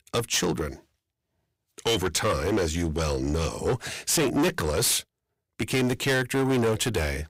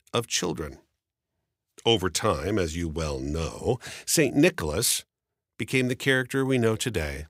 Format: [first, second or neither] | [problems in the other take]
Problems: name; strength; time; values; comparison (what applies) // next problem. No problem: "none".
second | distortion; heavy; 13% of the sound clipped